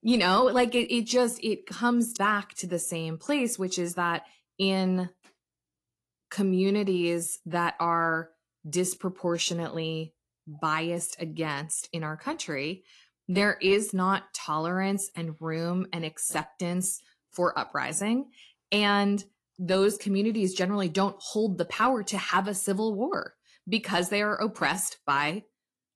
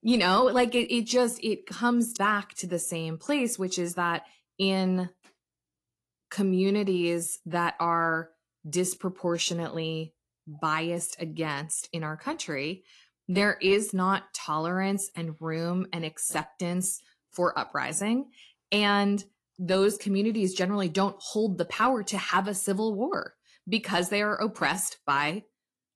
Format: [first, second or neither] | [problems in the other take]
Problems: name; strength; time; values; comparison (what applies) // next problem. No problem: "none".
neither | garbled, watery; slightly; nothing above 11.5 kHz; the same in both